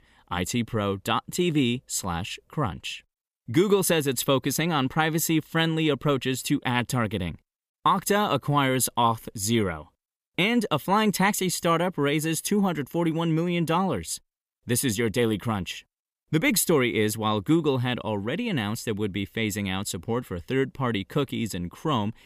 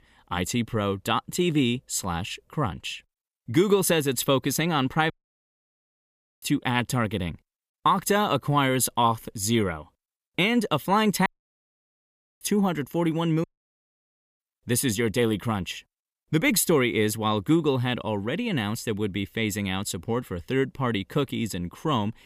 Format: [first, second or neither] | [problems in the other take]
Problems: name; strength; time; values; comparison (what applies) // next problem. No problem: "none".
first | audio cutting out; at 5 s for 1.5 s, at 11 s for 1 s and at 13 s for 1 s